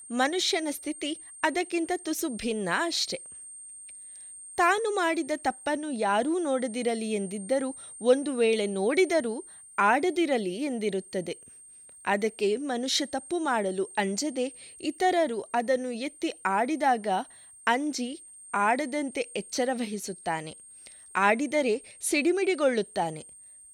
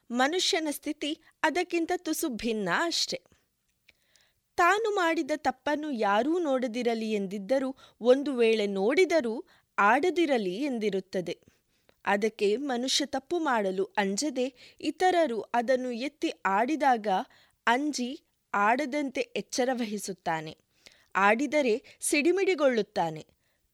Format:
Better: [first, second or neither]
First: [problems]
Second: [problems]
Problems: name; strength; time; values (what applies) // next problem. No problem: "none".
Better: second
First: high-pitched whine; noticeable; throughout; 8.5 kHz, 15 dB below the speech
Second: none